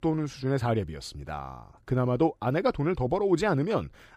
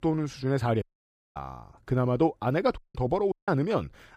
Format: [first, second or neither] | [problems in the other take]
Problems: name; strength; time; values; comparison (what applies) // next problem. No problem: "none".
first | audio cutting out; at 1 s for 0.5 s, at 3 s and at 3.5 s